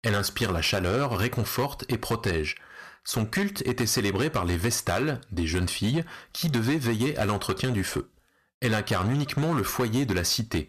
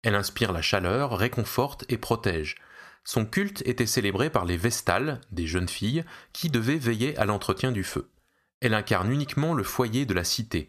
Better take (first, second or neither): second